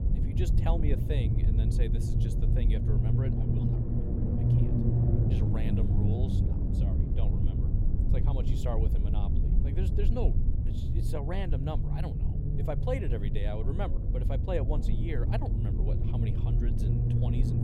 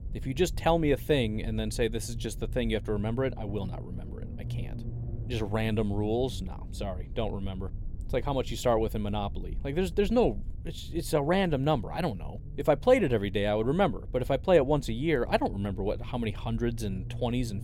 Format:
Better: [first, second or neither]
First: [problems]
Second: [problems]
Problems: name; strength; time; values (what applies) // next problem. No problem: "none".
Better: second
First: low rumble; loud; throughout; 1 dB below the speech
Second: low rumble; faint; throughout; 25 dB below the speech